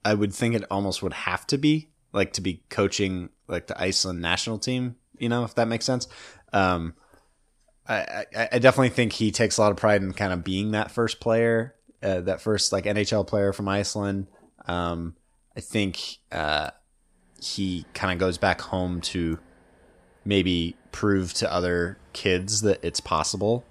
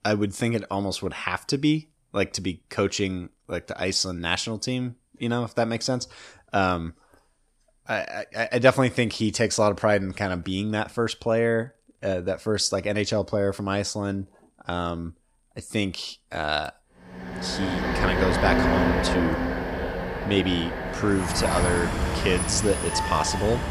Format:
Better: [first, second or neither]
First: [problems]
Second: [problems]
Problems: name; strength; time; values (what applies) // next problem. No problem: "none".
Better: first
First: traffic noise; faint; from 18 s on; 30 dB below the speech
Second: traffic noise; loud; from 18 s on; 1 dB below the speech